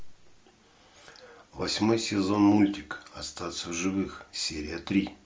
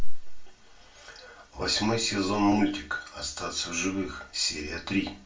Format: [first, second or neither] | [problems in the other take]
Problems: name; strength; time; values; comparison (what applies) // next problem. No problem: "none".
first | room echo; dies away in 0.2 s